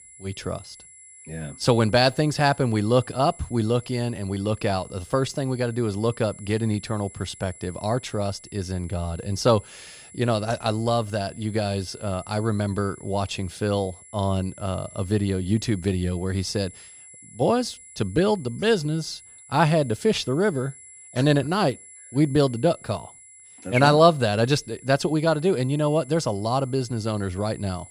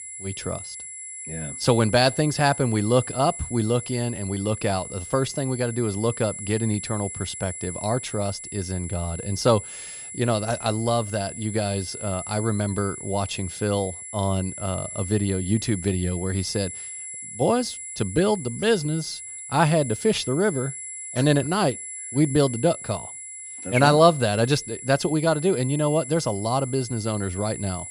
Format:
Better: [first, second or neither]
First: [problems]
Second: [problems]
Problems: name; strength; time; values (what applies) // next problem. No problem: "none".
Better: first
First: high-pitched whine; faint; throughout; 10 kHz, 20 dB below the speech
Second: high-pitched whine; loud; throughout; 10 kHz, 9 dB below the speech